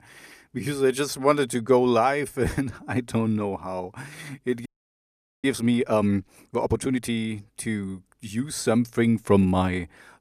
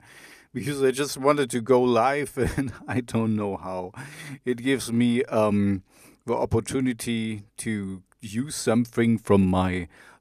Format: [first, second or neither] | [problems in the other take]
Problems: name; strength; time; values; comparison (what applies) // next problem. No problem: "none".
second | audio freezing; at 4.5 s for 1 s